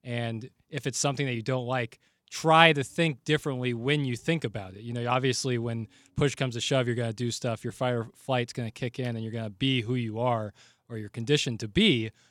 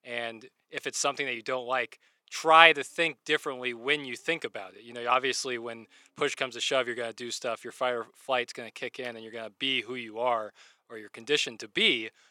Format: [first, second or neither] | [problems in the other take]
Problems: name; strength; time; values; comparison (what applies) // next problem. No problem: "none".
first | thin; very; fading below 450 Hz